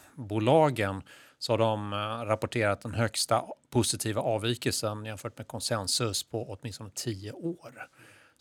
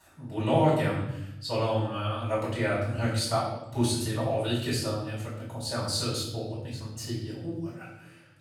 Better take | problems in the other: first | off-mic speech; far // room echo; noticeable; dies away in 1 s

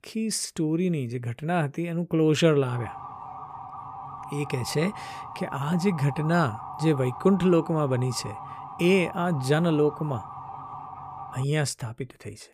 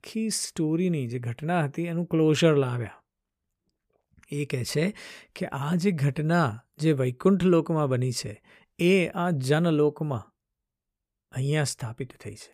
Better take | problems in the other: second | siren; faint; from 2.5 to 11 s; peak 10 dB below the speech

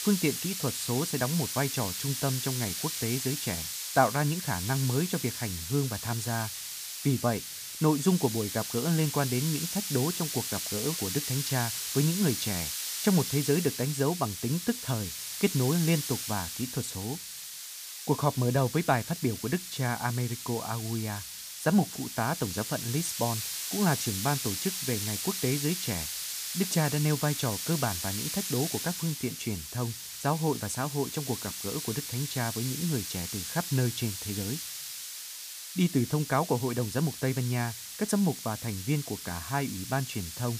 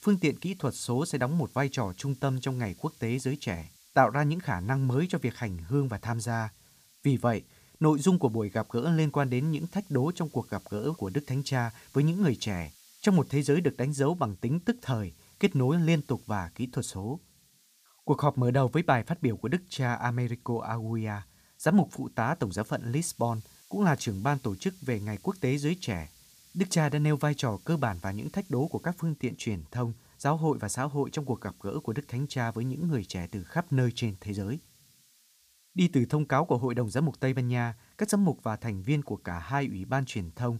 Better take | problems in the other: second | hiss; loud; throughout; 4 dB below the speech; faint in the second

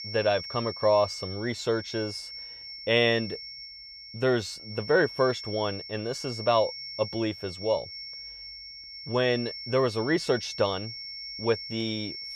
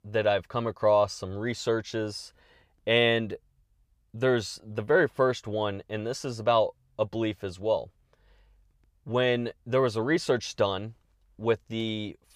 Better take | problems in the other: second | high-pitched whine; loud; throughout; 5.5 kHz, 10 dB below the speech

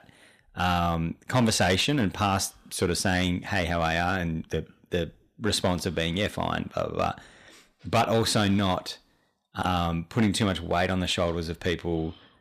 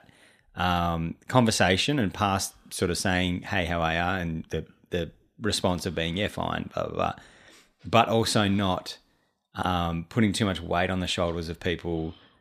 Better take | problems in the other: second | distortion; slight; 3% of the sound clipped

